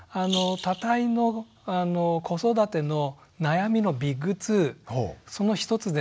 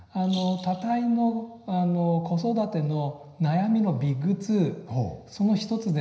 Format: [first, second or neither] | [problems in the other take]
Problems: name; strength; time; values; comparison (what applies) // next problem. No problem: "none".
first | room echo; dies away in 0.9 s